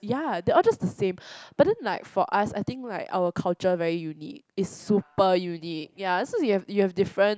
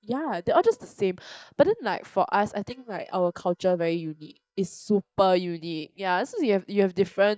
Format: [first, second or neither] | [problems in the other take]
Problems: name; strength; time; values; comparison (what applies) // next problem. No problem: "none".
first | noise reduction (neural mask model DeepFilterNet 3)